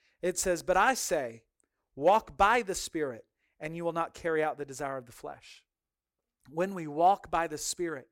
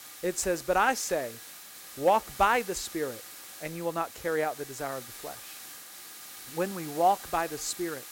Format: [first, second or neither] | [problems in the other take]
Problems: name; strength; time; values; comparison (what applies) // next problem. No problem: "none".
first | hiss; noticeable; throughout; 15 dB below the speech